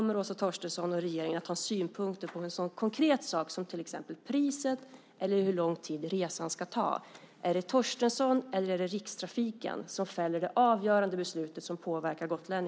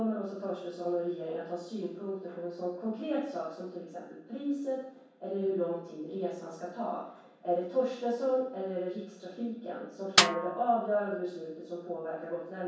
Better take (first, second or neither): first